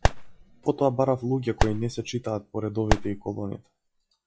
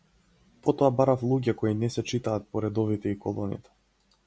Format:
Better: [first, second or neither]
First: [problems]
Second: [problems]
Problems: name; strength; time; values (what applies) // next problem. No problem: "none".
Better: second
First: noise reduction (classical method log-MMSE)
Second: none